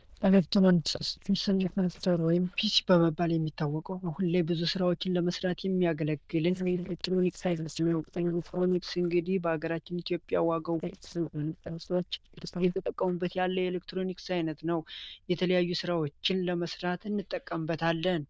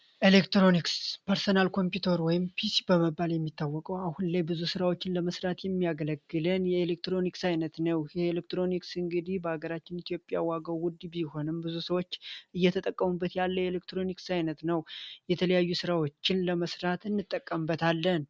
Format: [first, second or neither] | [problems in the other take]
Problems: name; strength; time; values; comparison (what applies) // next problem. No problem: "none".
second | noise reduction (neural diffusion model UNIVERSE++)